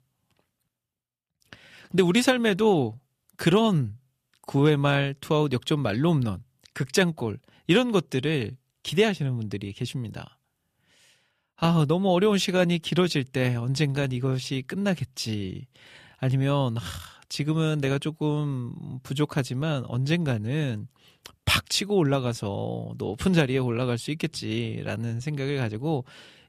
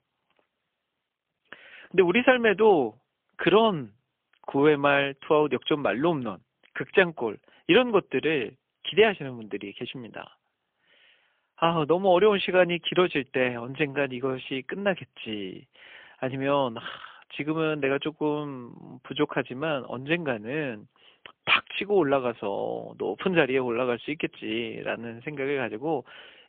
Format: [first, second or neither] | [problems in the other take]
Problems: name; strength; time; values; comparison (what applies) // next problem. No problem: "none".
first | phone-call audio; poor line; nothing above 3.5 kHz